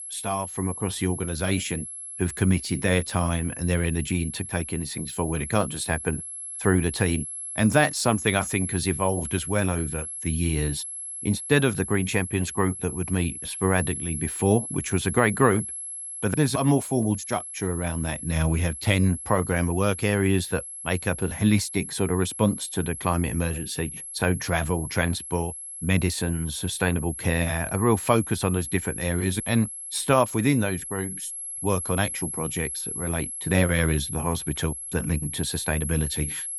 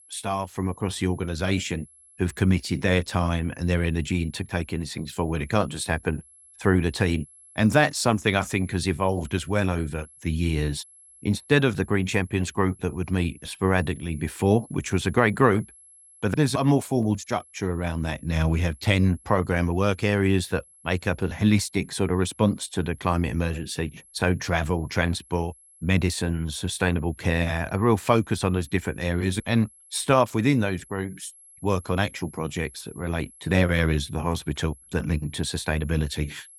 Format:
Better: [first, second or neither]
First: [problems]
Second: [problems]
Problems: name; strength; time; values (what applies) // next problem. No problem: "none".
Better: second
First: high-pitched whine; loud; throughout; 11 kHz, 7 dB below the speech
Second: high-pitched whine; faint; throughout; 11 kHz, 25 dB below the speech